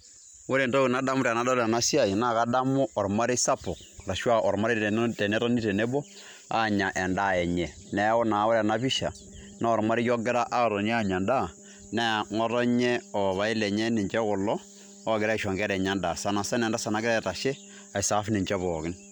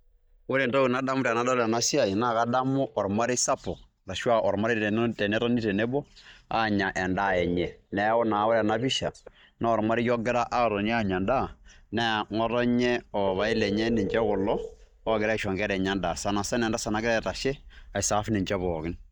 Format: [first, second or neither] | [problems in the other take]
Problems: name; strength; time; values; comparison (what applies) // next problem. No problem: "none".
first | noise reduction (neural mask model DeepFilterNet 3)